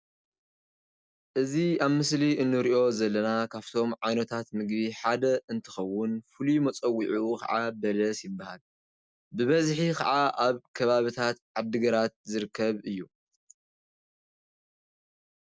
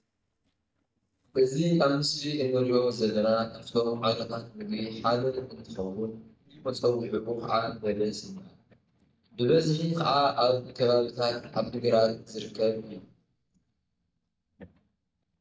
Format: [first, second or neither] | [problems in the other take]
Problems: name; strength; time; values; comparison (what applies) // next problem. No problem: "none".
first | noise reduction (neural mask model DeepFilterNet 3)